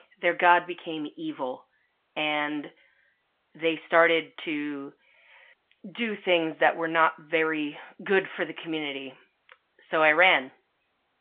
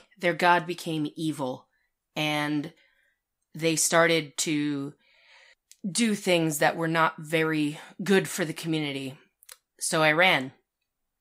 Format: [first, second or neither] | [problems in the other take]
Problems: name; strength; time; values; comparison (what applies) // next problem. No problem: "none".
second | phone-call audio; nothing above 3 kHz